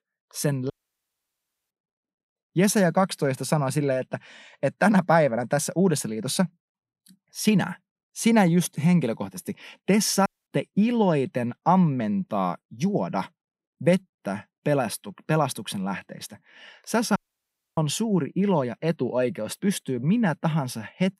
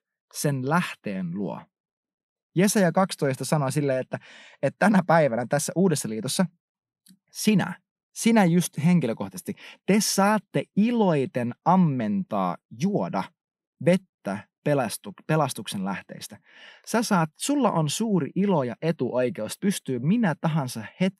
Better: second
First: audio cutting out; at 0.5 s for 1 s, at 10 s and at 17 s for 0.5 s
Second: none

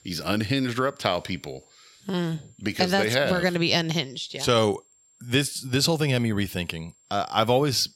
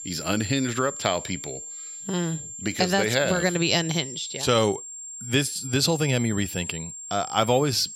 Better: first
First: high-pitched whine; faint; throughout; 7.5 kHz, 30 dB below the speech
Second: high-pitched whine; loud; throughout; 7.5 kHz, 10 dB below the speech

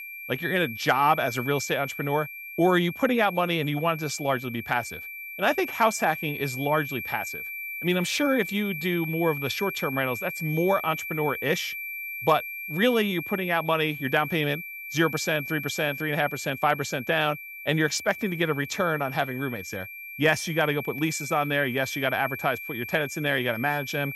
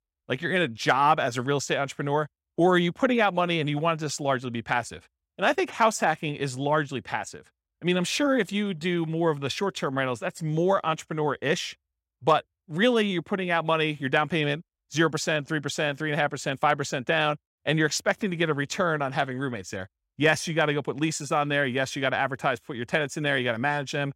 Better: second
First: high-pitched whine; loud; throughout; 2.5 kHz, 8 dB below the speech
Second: none

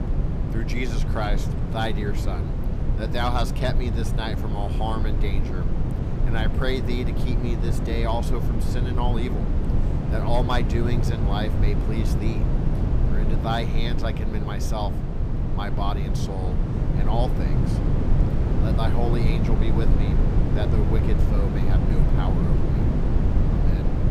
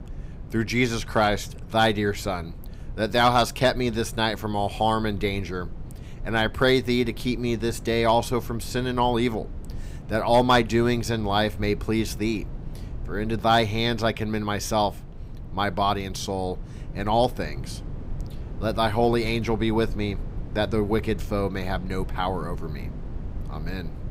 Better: second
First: low rumble; loud; throughout; 3 dB below the speech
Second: low rumble; faint; throughout; 25 dB below the speech

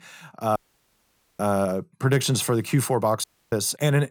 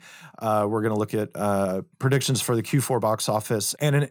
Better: second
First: audio cutting out; at 0.5 s for 1 s and at 3 s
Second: none

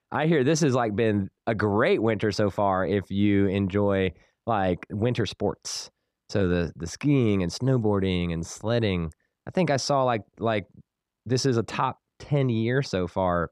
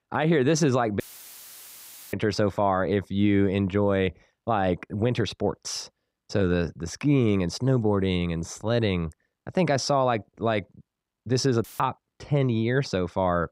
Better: first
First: none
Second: audio cutting out; filled with static; at 1 s for 1 s and at 12 s

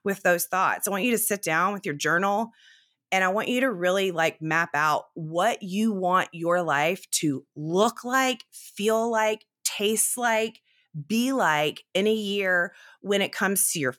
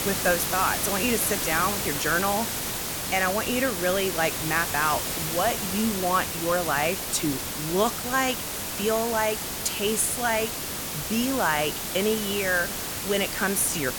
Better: first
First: none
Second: hiss; loud; throughout; 2 dB below the speech

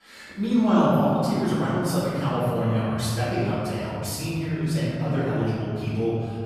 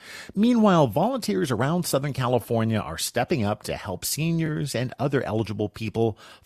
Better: second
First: room echo; strong; dies away in 2.7 s // off-mic speech; far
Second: none

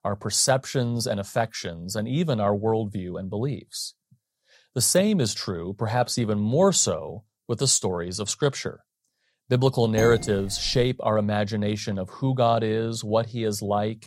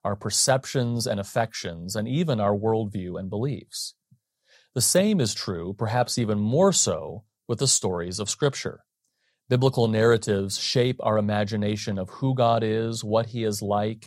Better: second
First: clattering dishes; noticeable; at 10 s; peak 7 dB below the speech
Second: none

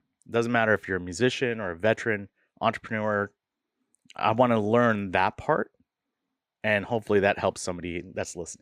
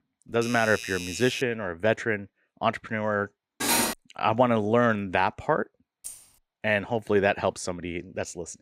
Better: first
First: none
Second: doorbell; noticeable; until 1.5 s; peak 8 dB below the speech // clattering dishes; loud; at 3.5 s; peak 3 dB above the speech // jangling keys; faint; at 6 s; peak 15 dB below the speech

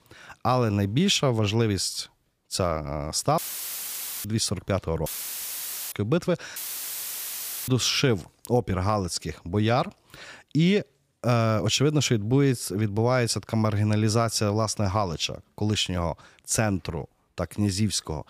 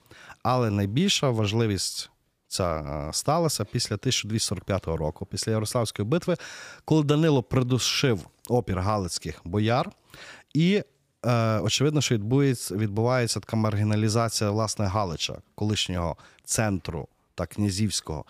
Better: second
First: audio cutting out; filled with static; at 3.5 s for 1 s, at 5 s for 1 s and at 6.5 s for 1 s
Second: none

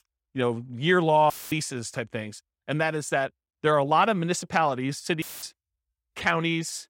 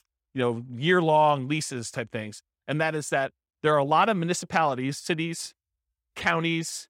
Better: second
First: audio cutting out; filled with static; at 1.5 s and at 5 s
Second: none

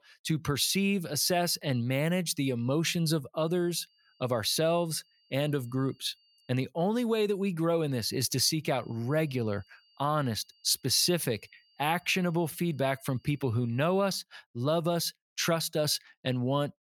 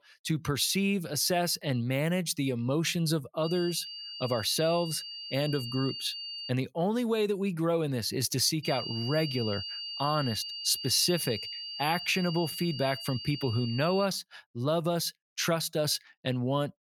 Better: first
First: high-pitched whine; faint; from 3.5 to 6.5 s and from 8.5 to 14 s; 4.5 kHz, 35 dB below the speech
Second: high-pitched whine; loud; from 3.5 to 6.5 s and from 8.5 to 14 s; 4.5 kHz, 7 dB below the speech

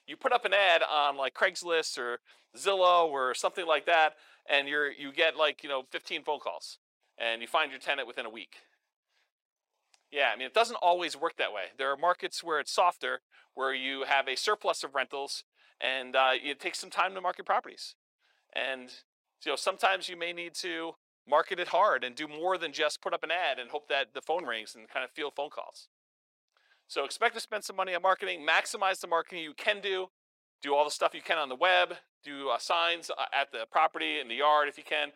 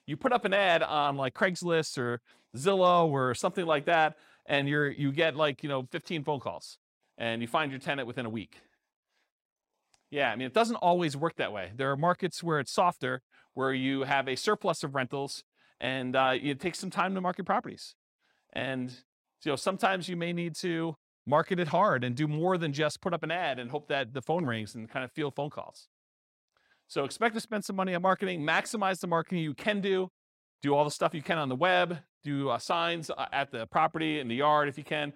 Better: second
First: thin; very; fading below 450 Hz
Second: none

